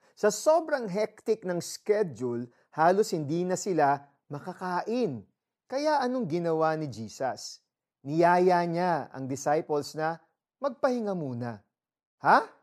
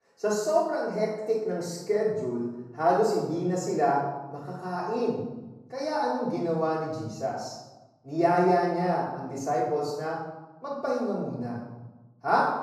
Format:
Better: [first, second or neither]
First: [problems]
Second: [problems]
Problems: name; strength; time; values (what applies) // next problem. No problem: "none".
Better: first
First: none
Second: room echo; noticeable; dies away in 0.9 s // off-mic speech; far